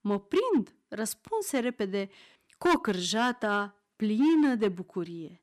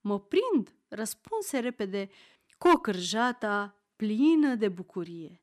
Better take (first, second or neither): second